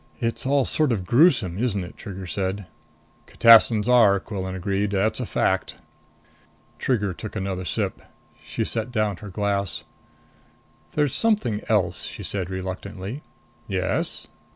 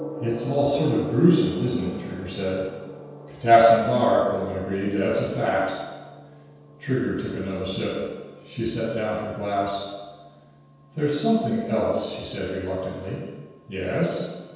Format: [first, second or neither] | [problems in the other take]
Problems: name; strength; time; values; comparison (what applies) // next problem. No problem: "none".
first | background sound (Gong); 18 dB below the speech // room echo; dies away in 1.2 s